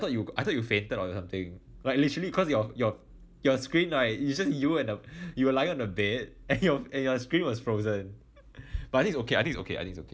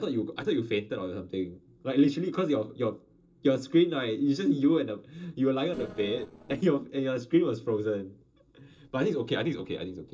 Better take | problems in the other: first | noise reduction (neural separator model SepFormer DNS4)

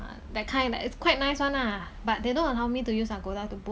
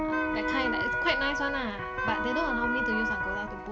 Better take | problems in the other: first | background sound (Wind instrument, woodwind instrument + Electric guitar); 3 dB above the speech

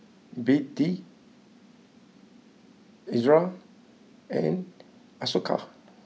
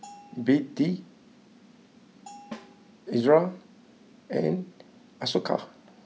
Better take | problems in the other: first | background sound (Snare drum + Bell); 20 dB below the speech

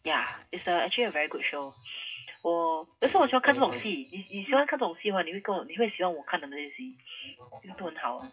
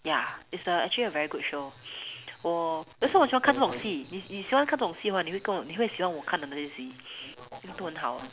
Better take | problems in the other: second | noise reduction (classical method WPE with log-MMSE)

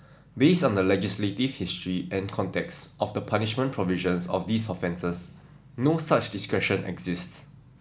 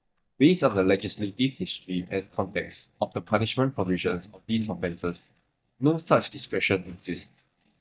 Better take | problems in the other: first | noise reduction (neural mask model DeepFilterNet 3)

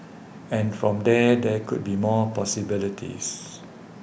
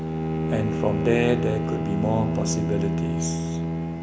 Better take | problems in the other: first | background sound (Bowed string instrument); 2 dB above the speech

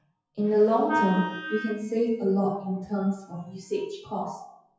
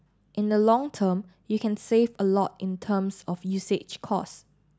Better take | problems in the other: second | noise reduction (classical method WPE with log-MMSE)

